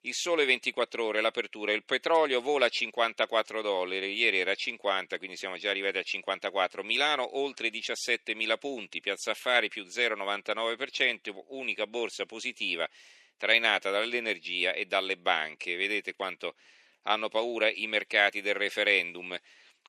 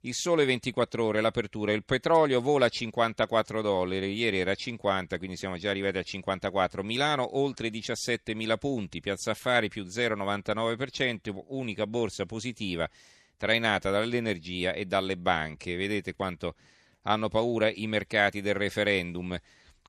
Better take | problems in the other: second | thin; somewhat; fading below 350 Hz

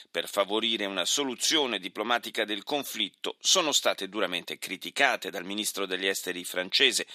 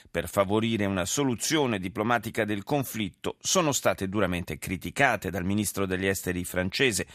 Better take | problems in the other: second | thin; somewhat; fading below 300 Hz

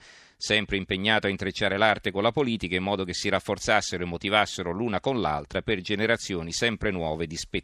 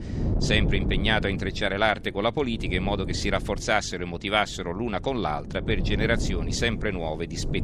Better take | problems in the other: first | wind noise on the microphone; occasional gusts; 15 dB below the speech

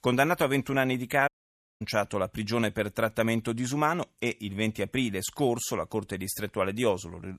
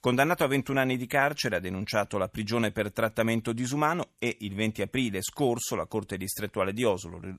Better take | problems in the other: second | audio cutting out; at 1.5 s for 0.5 s

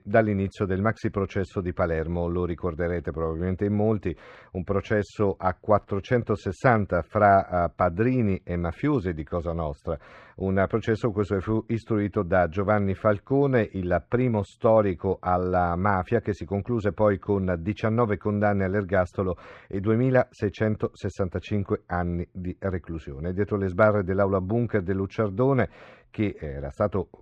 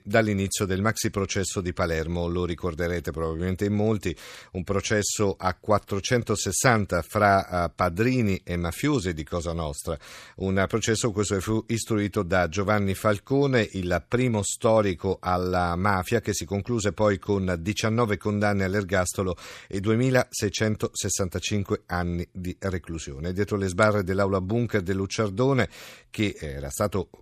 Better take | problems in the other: second | muffled; very; fading above 1.5 kHz

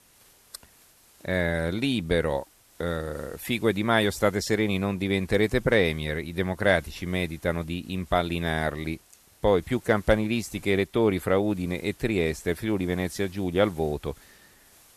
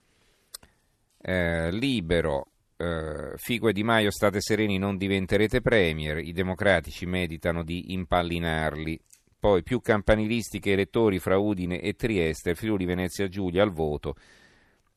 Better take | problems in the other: second | hiss; faint; throughout; 25 dB below the speech

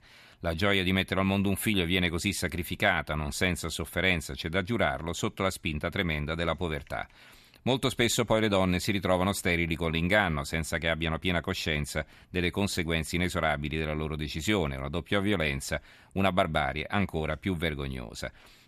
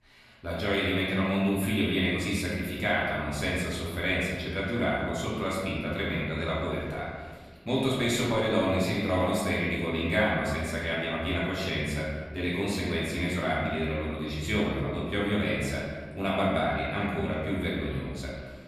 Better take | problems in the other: first | room echo; noticeable; dies away in 1.4 s // off-mic speech; far

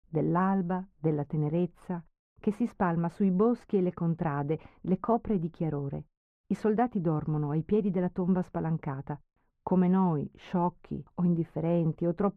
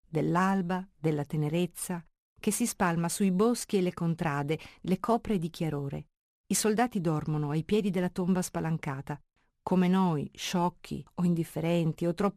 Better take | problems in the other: second | muffled; very; fading above 3 kHz

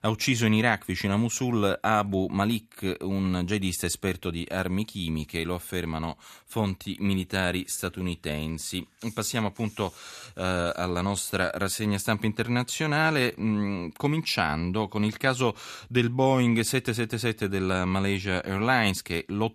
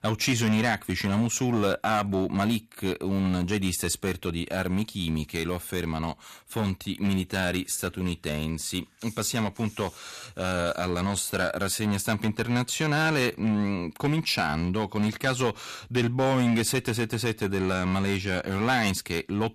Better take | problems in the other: first | distortion; slight; 5% of the sound clipped

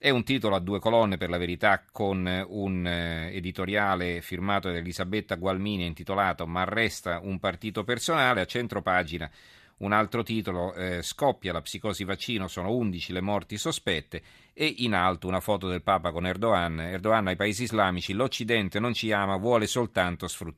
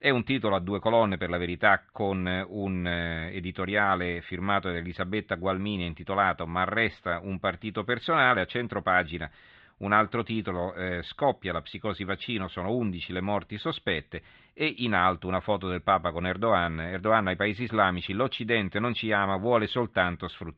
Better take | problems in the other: first | muffled; very; fading above 3.5 kHz

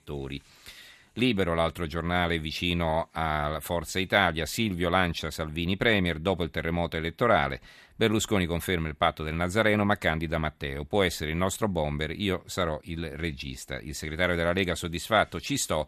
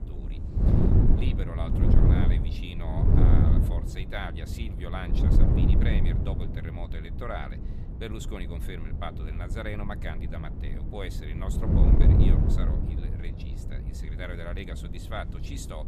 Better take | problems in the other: first | wind noise on the microphone; heavy; 2 dB above the speech

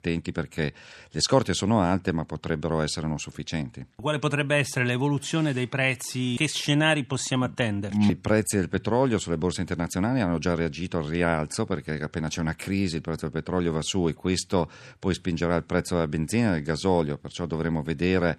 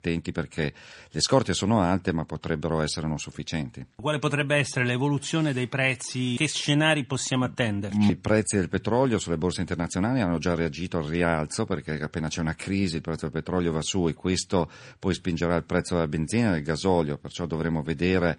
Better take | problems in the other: first | garbled, watery; slightly; nothing above 9.5 kHz

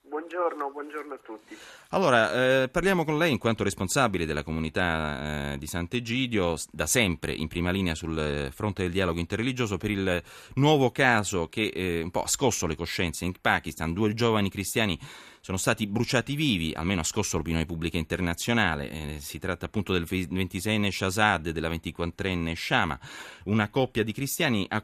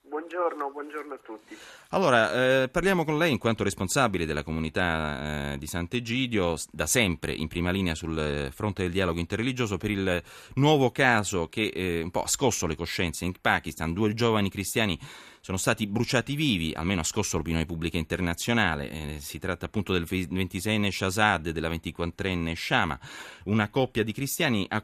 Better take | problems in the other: neither | none

